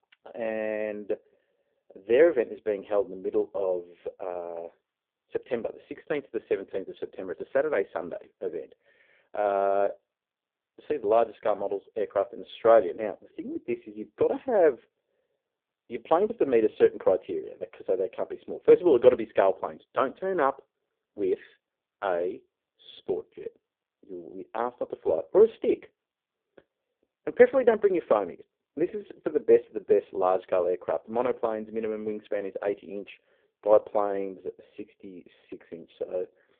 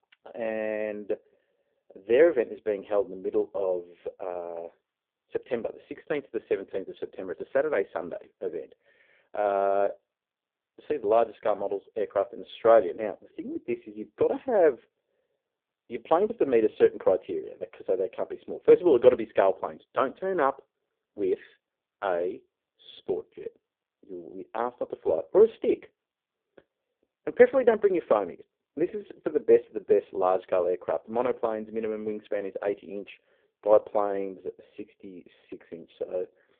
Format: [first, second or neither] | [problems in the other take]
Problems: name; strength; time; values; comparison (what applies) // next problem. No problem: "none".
neither | phone-call audio; poor line; the same in both